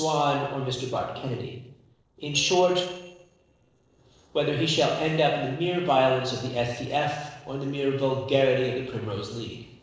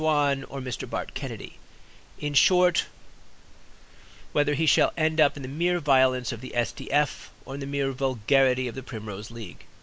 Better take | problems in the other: second | noise reduction (neural separator model SepFormer DNS4)

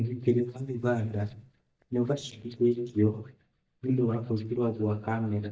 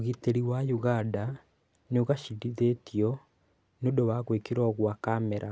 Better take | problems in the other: second | noise reduction (neural mask model DeepFilterNet 3)

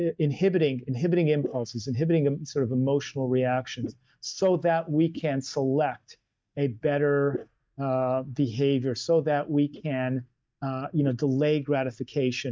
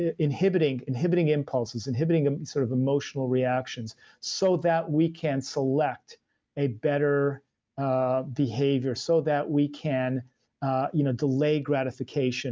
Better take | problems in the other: second | noise reduction (neural mask model DeepFilterNet 3)

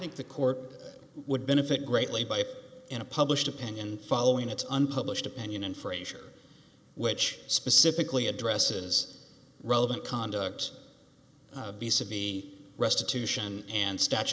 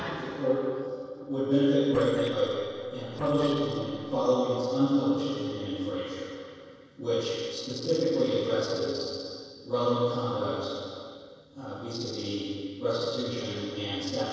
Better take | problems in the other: first | noise reduction (neural separator model SepFormer DNS4)

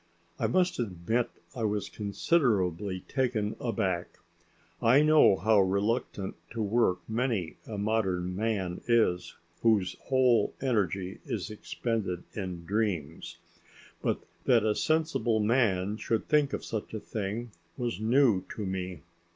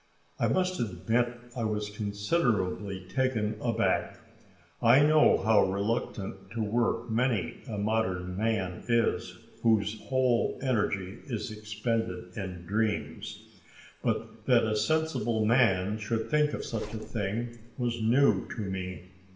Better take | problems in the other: first | background sound (Zipper (clothing)); 14 dB below the speech // room echo; dies away in 1.5 s

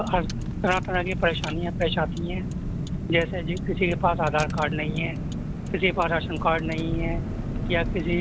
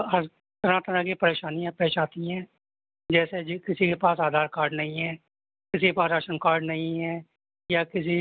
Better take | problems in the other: second | background sound (Car); 2 dB below the speech

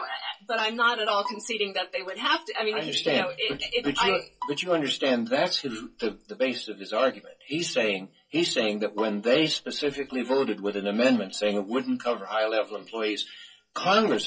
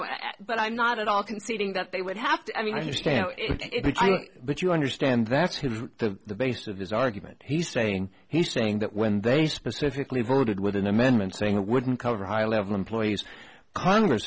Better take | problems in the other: second | noise reduction (classical method WPE with log-MMSE)

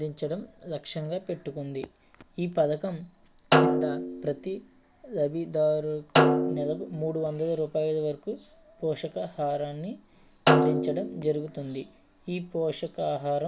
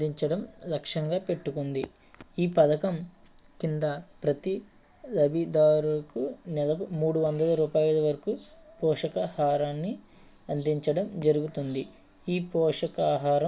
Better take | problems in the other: second | background sound (Snare drum); 3 dB above the speech

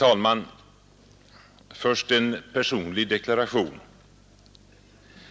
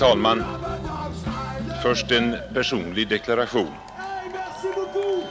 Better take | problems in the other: first | background sound (Cheering); 4 dB below the speech

